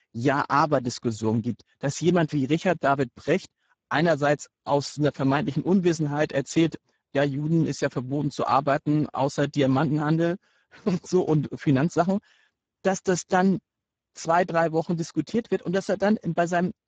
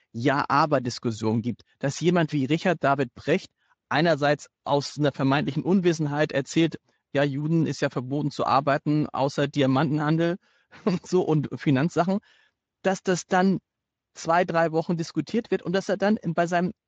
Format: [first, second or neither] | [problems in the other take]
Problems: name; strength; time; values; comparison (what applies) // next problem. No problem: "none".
second | garbled, watery; badly; nothing above 7.5 kHz; slightly in the second